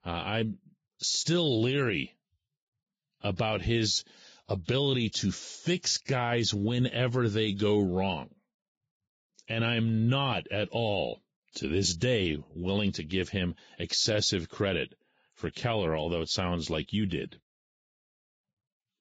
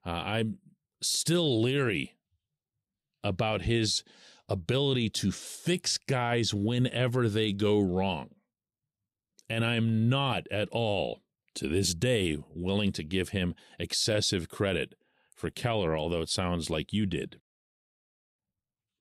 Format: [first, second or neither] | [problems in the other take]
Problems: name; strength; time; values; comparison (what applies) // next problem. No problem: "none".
second | garbled, watery; badly; nothing above 7.5 kHz